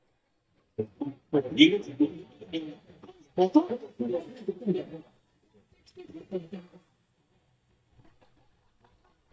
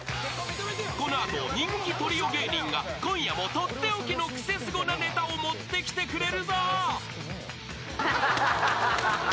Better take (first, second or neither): second